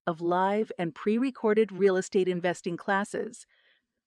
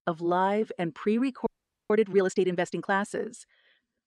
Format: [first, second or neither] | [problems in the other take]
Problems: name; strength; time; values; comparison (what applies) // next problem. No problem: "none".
first | audio freezing; at 1.5 s